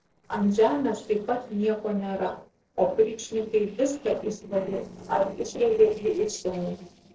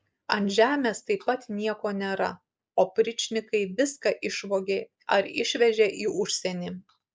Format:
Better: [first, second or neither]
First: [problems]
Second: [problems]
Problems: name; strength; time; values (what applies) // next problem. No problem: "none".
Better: second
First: noise reduction (neural separator model SepFormer DNS4)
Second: none